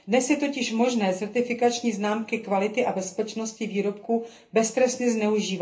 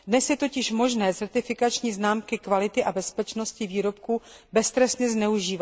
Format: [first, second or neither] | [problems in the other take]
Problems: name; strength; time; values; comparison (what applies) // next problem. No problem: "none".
second | room echo; dies away in 0.3 s